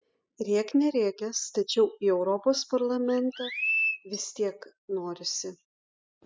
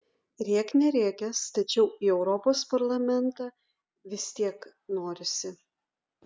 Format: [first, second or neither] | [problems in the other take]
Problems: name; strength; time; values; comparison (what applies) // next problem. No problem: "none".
second | noise reduction (classical method spectral subtraction)